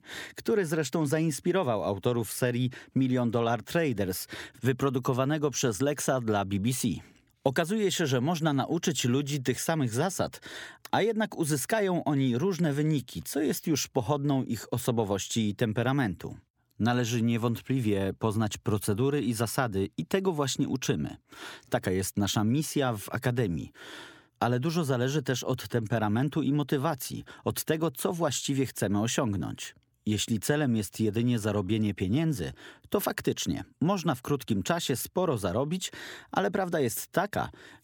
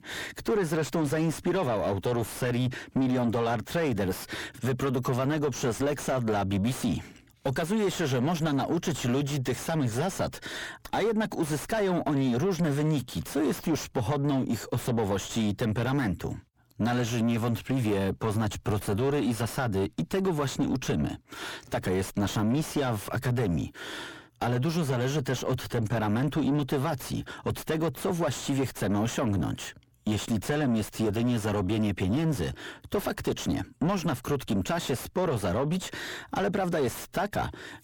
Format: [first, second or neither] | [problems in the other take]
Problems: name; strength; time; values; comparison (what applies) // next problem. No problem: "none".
first | distortion; heavy; 6 dB below the speech